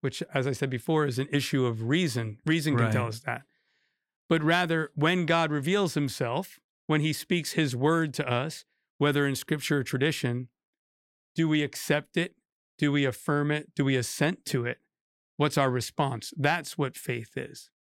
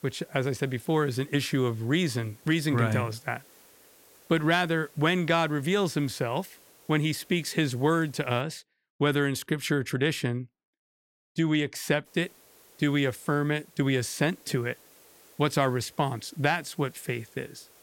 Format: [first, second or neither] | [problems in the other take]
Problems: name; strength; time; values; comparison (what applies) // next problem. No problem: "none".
first | hiss; faint; until 8.5 s and from 12 s on; 25 dB below the speech